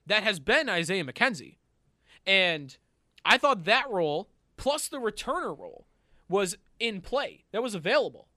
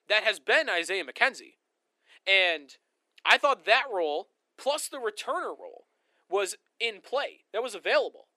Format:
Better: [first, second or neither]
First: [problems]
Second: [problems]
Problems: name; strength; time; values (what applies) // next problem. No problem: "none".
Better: first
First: none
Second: thin; somewhat; fading below 300 Hz